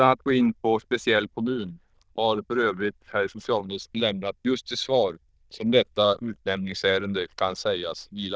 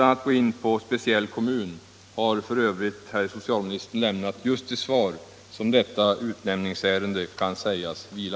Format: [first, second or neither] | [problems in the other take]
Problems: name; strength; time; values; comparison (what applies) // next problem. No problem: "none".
second | noise reduction (neural diffusion model UNIVERSE++)